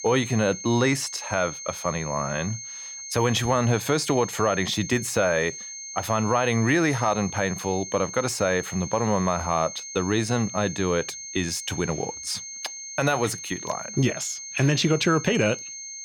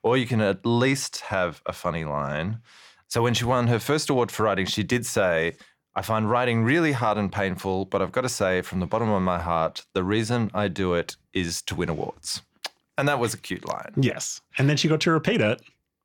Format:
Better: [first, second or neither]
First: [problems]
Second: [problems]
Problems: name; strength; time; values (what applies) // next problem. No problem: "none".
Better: second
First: high-pitched whine; loud; throughout; 6.5 kHz, 10 dB below the speech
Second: none